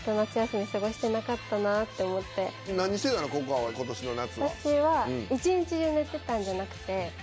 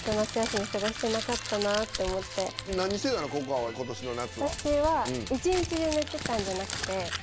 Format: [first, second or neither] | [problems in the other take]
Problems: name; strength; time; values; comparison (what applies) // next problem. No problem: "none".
first | background sound (Crumpling, crinkling); 8 dB below the speech